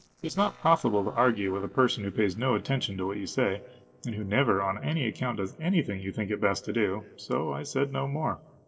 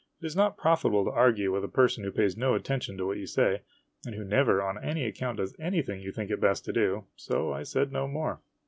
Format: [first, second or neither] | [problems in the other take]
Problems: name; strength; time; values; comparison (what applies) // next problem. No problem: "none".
second | noise reduction (neural separator model SepFormer DNS4)